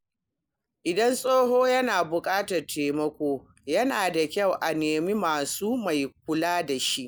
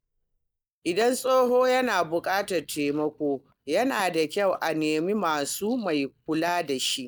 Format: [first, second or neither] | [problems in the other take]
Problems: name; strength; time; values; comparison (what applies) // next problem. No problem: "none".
first | noise reduction (neural mask model DeepFilterNet 3)